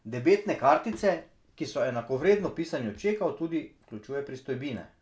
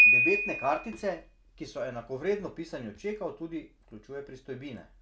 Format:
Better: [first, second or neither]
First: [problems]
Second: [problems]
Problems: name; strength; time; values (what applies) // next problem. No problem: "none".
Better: first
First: none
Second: background sound (Piano); 4 dB above the speech